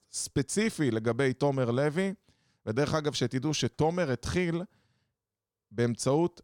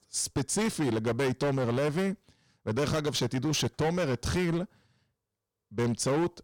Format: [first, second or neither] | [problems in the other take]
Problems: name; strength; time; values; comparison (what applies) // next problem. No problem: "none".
first | distortion; heavy; 17% of the sound clipped